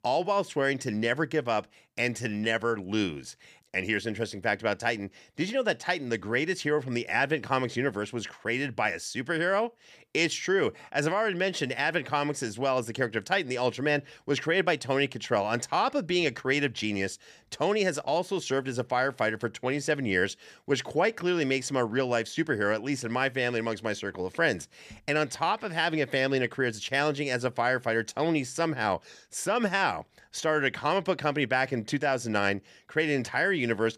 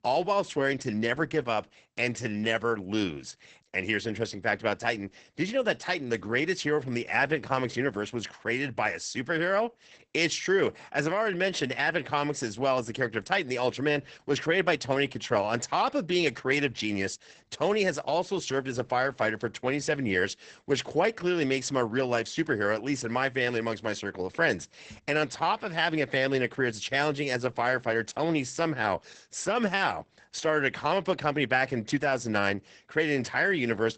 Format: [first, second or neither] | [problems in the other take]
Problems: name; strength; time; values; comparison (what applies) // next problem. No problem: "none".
first | garbled, watery; badly; nothing above 8 kHz